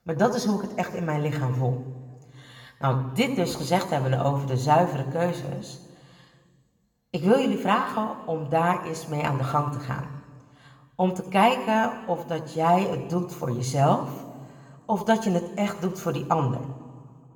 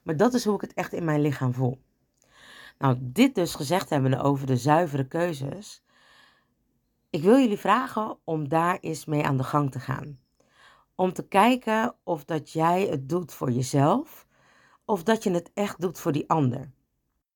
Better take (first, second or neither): second